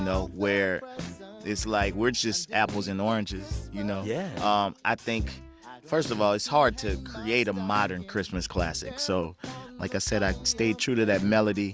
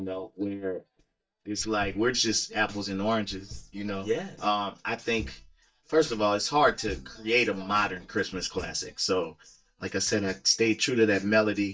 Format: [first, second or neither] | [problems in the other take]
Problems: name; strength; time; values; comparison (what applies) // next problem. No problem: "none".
first | noise reduction (neural mask model DeepFilterNet 3)